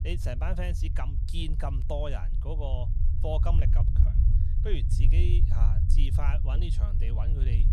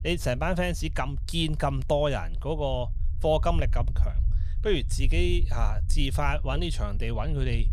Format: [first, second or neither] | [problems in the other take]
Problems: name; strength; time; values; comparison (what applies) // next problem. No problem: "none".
second | low rumble; loud; throughout; 6 dB below the speech; faint in the second